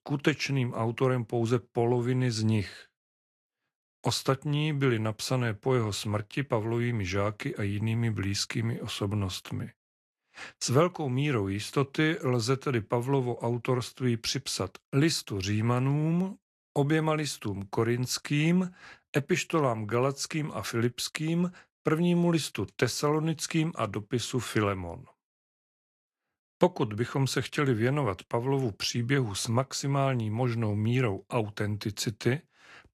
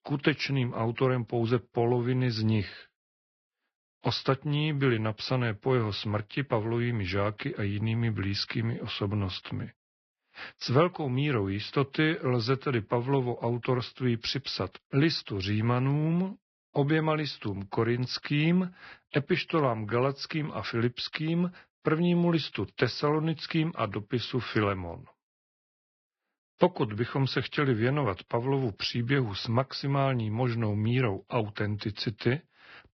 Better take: first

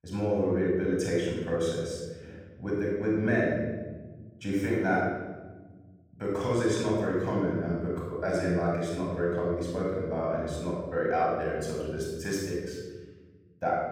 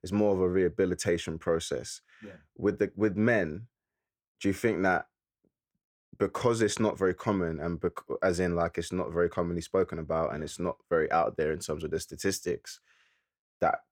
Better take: second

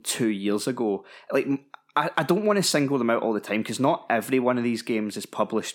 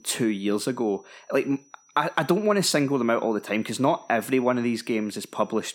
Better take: first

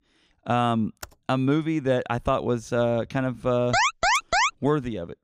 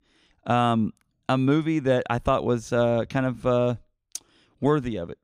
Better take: second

